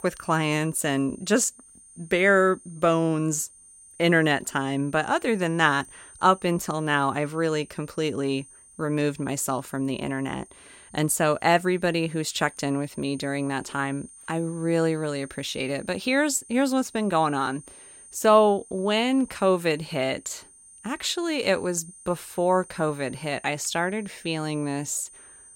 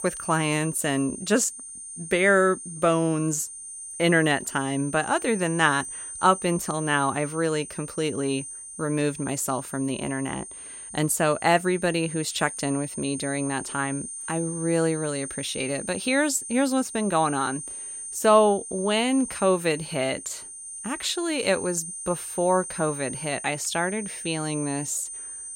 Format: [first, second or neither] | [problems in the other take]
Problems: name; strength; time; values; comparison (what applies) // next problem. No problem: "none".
first | high-pitched whine; loud; throughout; 9 kHz, 9 dB below the speech; faint in the first